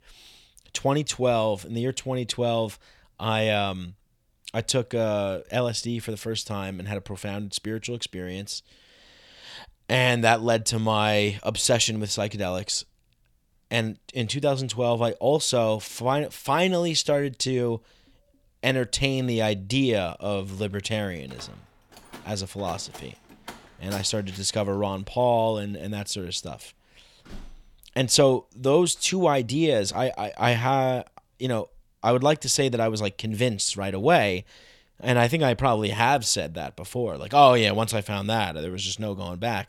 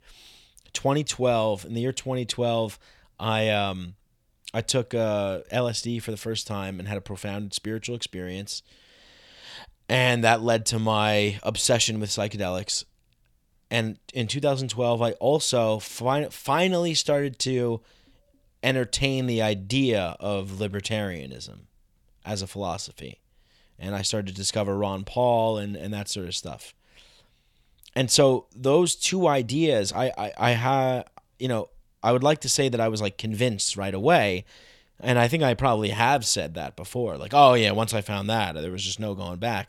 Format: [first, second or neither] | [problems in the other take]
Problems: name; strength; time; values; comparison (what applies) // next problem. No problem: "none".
second | door banging; faint; from 21 to 28 s; peak 15 dB below the speech